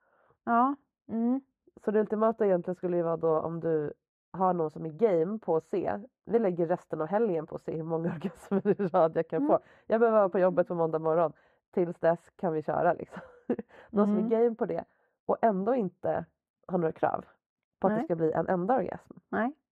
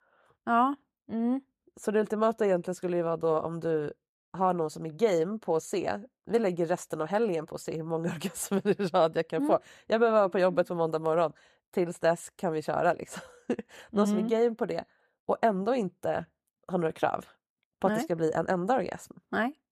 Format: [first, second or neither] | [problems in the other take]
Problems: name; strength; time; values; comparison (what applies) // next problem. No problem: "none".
second | muffled; very; fading above 3 kHz